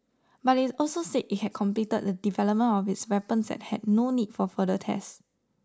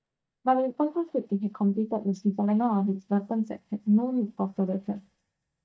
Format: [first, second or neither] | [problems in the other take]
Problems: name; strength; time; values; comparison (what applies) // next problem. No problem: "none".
first | noise reduction (neural mask model DeepFilterNet 3)